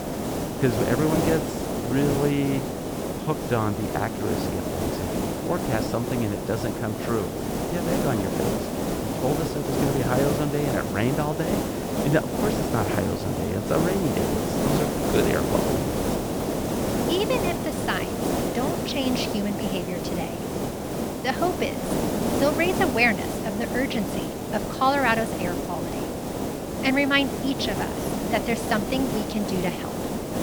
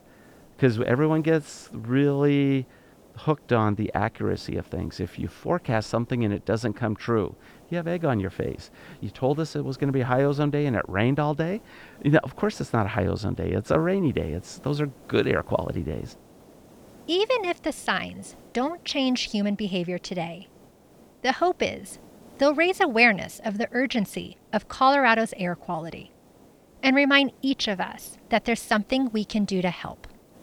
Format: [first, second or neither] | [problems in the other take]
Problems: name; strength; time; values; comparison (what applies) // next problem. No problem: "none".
second | hiss; loud; throughout; as loud as the speech; faint in the second